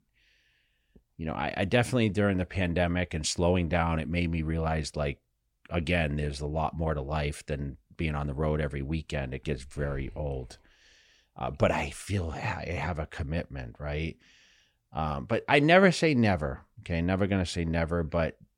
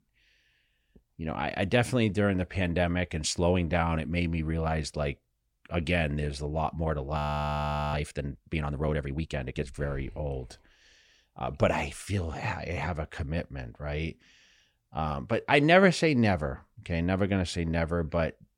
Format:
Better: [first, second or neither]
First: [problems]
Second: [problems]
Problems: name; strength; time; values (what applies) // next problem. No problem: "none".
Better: first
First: none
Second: audio freezing; at 7 s for 1 s